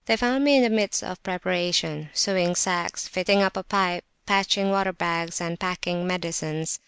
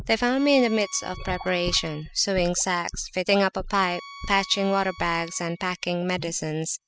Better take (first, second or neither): first